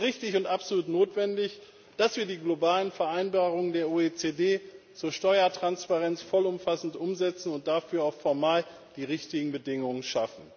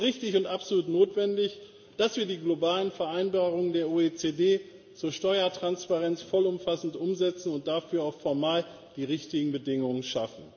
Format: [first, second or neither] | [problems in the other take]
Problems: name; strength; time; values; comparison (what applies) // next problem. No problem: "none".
first | room echo; dies away in 1.1 s